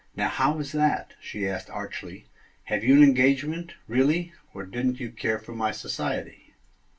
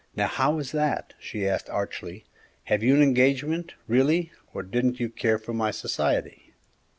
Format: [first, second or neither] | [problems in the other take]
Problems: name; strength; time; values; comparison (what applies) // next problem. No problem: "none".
second | room echo; dies away in 0.2 s